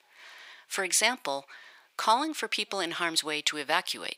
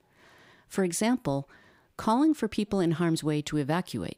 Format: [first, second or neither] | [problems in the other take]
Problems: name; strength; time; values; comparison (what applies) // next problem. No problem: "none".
second | thin; very; fading below 800 Hz